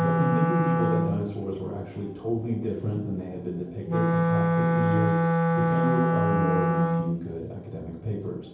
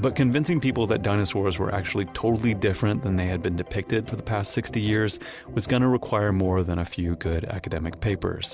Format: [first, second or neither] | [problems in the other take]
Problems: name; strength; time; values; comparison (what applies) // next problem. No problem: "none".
second | background sound (Wind instrument, woodwind instrument); 4 dB above the speech // room echo; dies away in 0.9 s